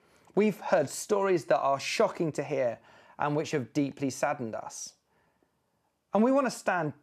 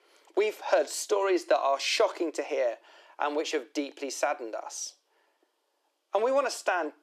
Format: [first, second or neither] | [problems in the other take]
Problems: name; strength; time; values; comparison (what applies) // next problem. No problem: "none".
first | thin; somewhat; fading below 300 Hz